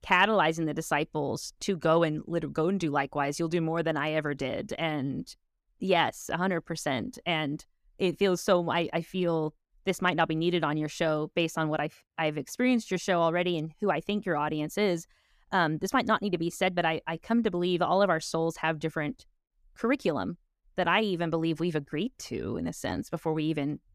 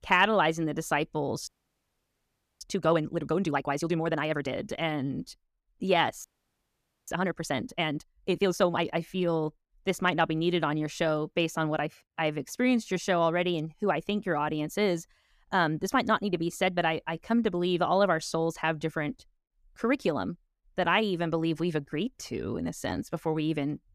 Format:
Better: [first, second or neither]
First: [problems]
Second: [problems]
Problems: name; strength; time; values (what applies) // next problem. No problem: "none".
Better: first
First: none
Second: audio freezing; at 1.5 s for 1 s and at 6 s for 1 s